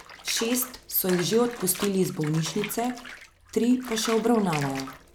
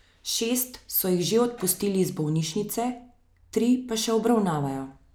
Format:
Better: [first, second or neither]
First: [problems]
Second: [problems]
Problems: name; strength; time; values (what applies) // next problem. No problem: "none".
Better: second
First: background sound (Bathtub (filling or washing) / Water); 13 dB below the speech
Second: none